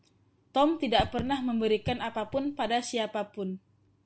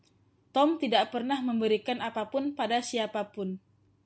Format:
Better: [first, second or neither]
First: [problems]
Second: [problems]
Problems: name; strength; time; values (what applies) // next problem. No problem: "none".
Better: second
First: background sound (Raindrop / Drip); 11 dB below the speech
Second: none